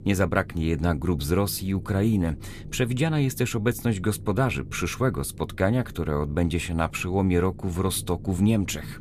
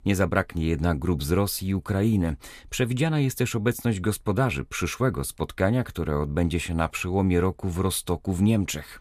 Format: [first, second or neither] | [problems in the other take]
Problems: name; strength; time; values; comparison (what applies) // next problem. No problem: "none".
second | low rumble; faint; throughout; 20 dB below the speech